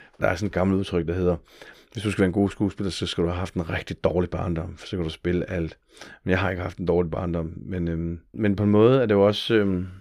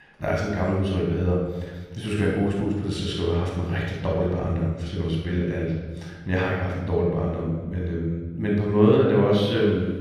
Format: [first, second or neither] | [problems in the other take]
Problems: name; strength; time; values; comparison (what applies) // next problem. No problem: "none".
first | off-mic speech; far // room echo; noticeable; dies away in 1.2 s